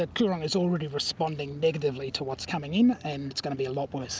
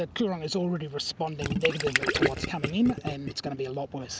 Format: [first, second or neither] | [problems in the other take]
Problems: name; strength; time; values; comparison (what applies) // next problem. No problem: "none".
first | background sound (Gurgling); as loud as the speech